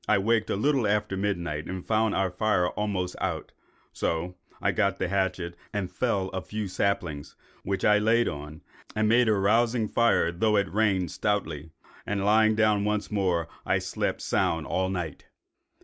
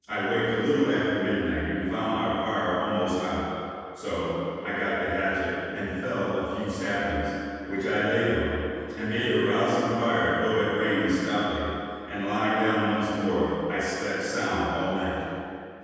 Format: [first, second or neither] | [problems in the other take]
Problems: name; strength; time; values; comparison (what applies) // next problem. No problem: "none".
first | room echo; dies away in 2.1 s